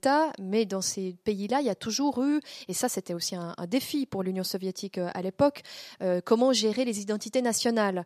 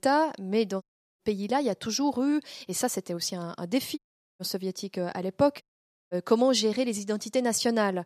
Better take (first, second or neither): first